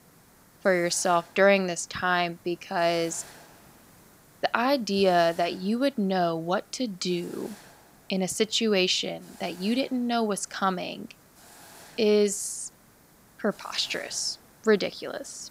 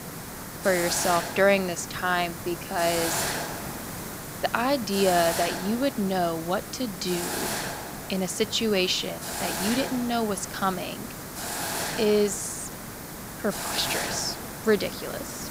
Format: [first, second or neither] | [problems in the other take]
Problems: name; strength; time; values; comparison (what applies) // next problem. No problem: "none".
first | hiss; loud; throughout; 5 dB below the speech; faint in the first